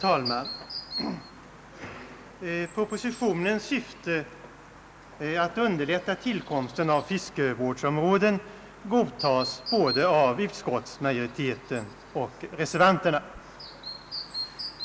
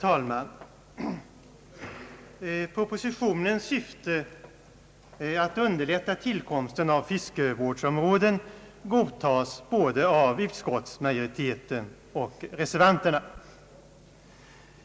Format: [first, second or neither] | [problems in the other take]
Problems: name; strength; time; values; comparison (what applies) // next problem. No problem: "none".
second | background sound (Chirp, tweet); 14 dB below the speech